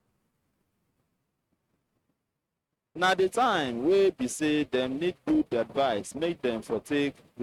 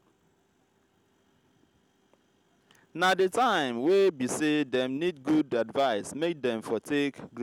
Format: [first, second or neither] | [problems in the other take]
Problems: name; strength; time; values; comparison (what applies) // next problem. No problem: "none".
second | noise reduction (neural mask model RNNoise)